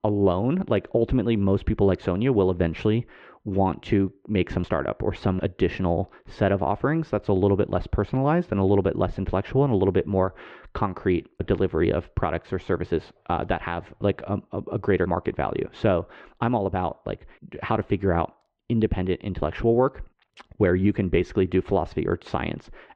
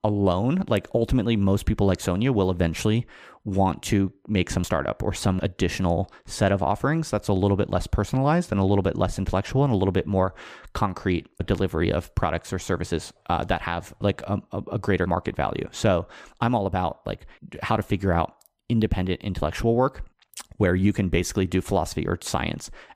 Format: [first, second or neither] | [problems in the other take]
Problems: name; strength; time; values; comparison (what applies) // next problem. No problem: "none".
second | muffled; very; fading above 3 kHz